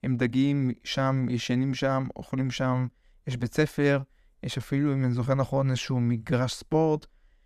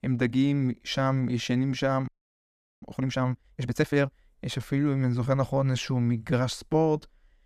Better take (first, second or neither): first